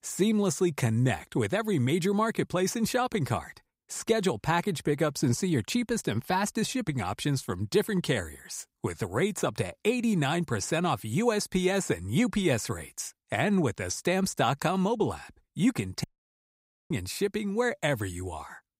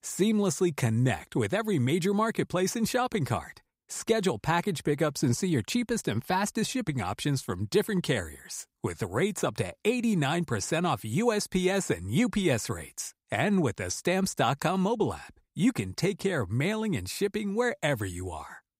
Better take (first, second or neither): second